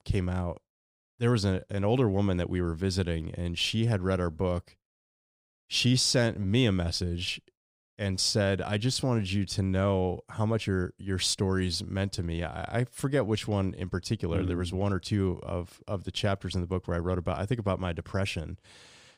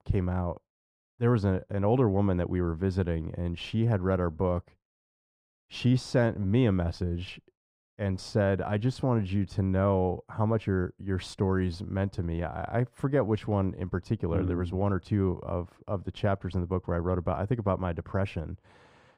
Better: first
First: none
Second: muffled; very; fading above 2.5 kHz

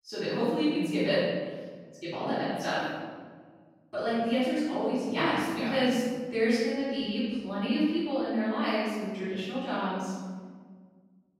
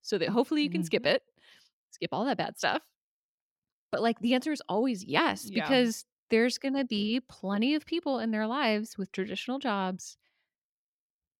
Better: second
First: off-mic speech; far // room echo; strong; dies away in 1.6 s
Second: none

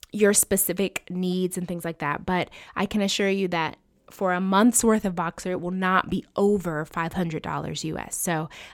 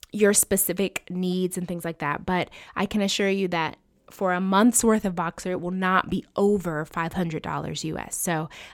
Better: neither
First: none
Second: none

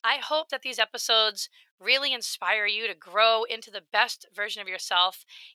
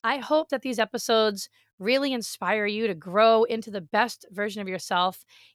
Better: second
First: thin; very; fading below 750 Hz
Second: none

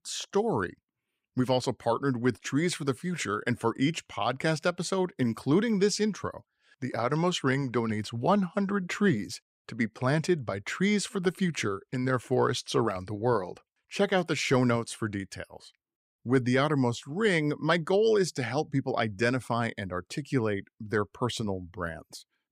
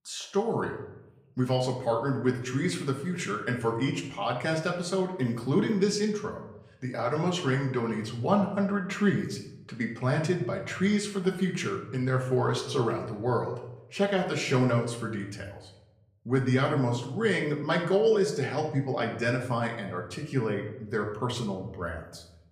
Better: first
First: none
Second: room echo; slight; dies away in 0.7 s // off-mic speech; somewhat distant

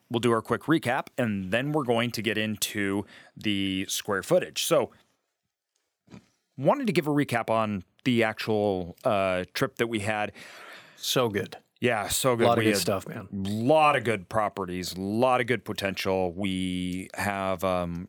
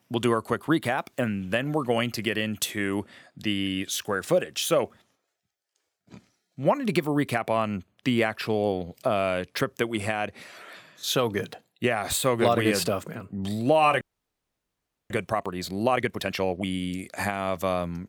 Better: first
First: none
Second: audio freezing; at 14 s for 1 s

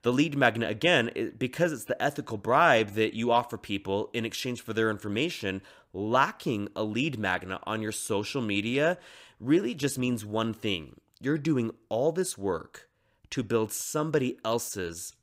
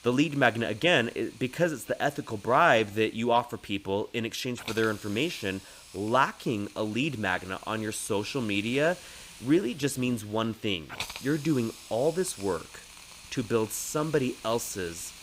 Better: first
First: none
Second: hiss; noticeable; throughout; 15 dB below the speech

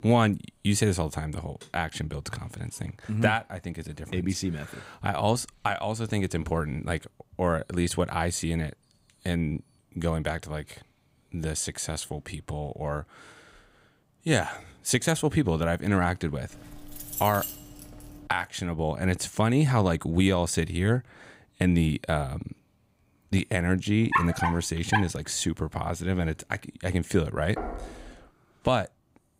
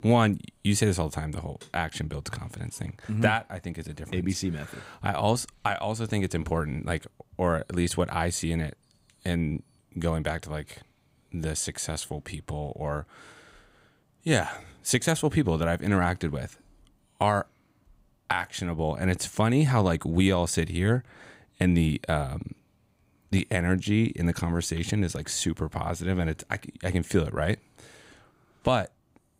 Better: second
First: jangling keys; noticeable; from 17 to 18 s; peak 4 dB below the speech // dog barking; loud; at 24 s; peak 2 dB above the speech // door banging; noticeable; at 28 s; peak 8 dB below the speech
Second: none

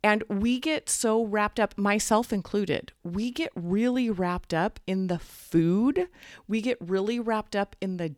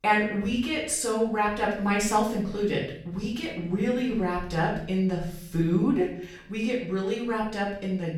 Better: first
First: none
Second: off-mic speech; far // room echo; noticeable; dies away in 0.6 s

